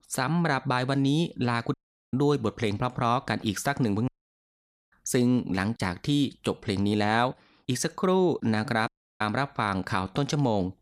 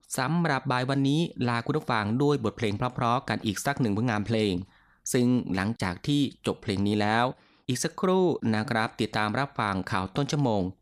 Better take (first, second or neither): second